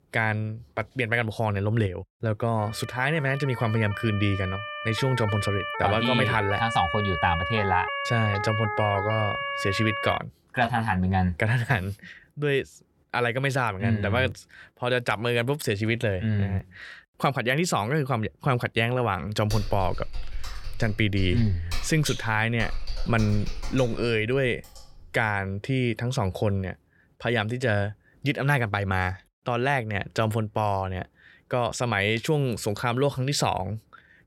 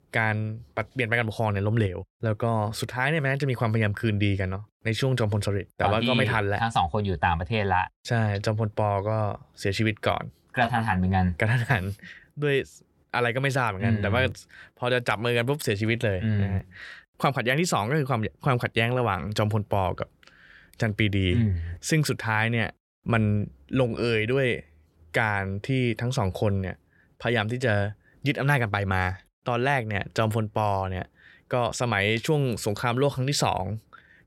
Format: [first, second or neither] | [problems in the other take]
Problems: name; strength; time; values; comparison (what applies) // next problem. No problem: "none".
second | siren; noticeable; from 2.5 to 10 s; peak 2 dB below the speech // keyboard typing; noticeable; from 20 to 24 s; peak 7 dB below the speech